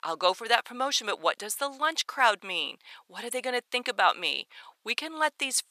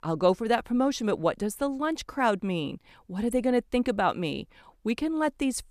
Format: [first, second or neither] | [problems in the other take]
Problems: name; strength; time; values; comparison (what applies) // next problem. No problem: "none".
second | thin; very; fading below 1 kHz